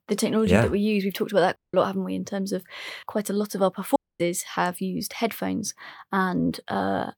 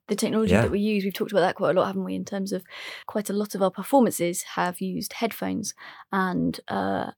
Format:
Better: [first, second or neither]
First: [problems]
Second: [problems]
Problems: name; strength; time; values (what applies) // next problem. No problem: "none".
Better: second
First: audio cutting out; at 1.5 s and at 4 s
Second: none